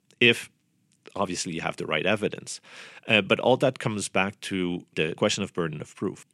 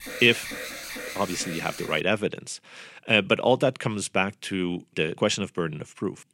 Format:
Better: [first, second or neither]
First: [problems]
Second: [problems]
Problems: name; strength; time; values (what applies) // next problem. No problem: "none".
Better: first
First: none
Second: alarm; noticeable; until 2 s; peak 8 dB below the speech